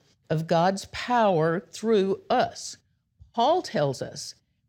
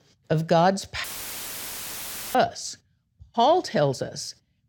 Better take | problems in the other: first | audio cutting out; filled with static; at 1 s for 1.5 s

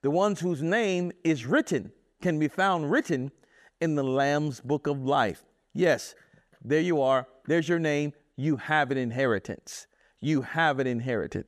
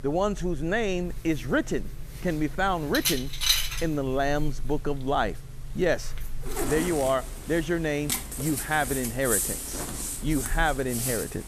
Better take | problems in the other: first | household noises; loud; throughout; 3 dB below the speech

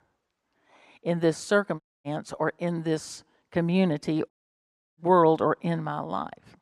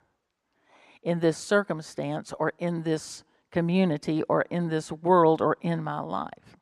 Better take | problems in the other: second | audio cutting out; at 2 s and at 4.5 s for 0.5 s

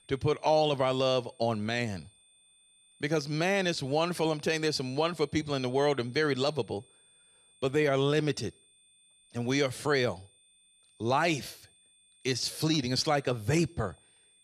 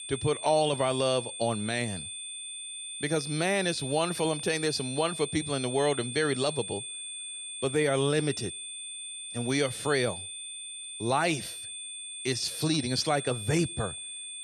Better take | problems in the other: first | high-pitched whine; loud; throughout; 9 kHz, 7 dB below the speech; faint in the first

